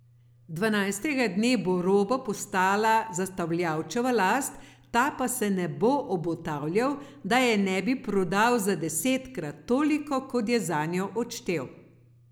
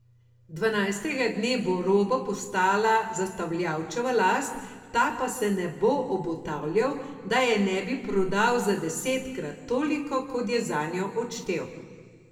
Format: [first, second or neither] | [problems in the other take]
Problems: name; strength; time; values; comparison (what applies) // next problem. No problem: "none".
first | room echo; dies away in 1.4 s